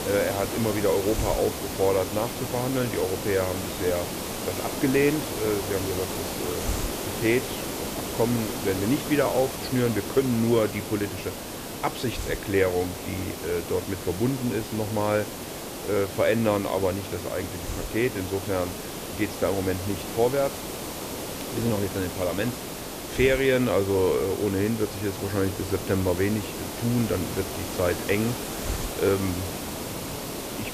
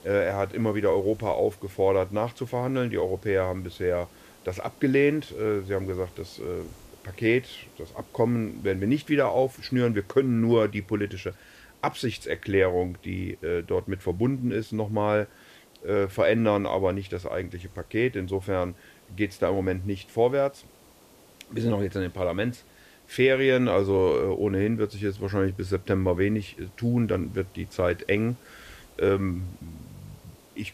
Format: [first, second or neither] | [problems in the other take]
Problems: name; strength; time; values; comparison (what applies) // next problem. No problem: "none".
second | hiss; loud; throughout; 6 dB below the speech; faint in the second